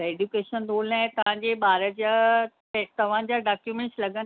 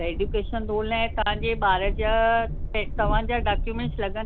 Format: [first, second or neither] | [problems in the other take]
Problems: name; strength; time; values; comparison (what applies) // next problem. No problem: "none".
first | background sound (Train); 2 dB below the speech